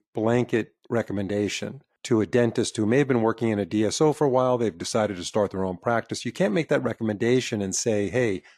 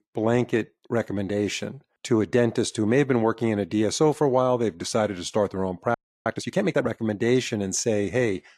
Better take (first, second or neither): first